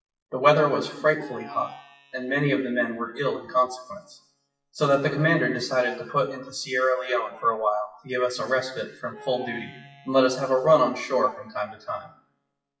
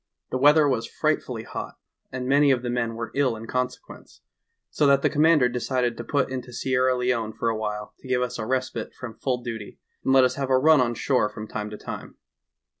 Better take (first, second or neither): second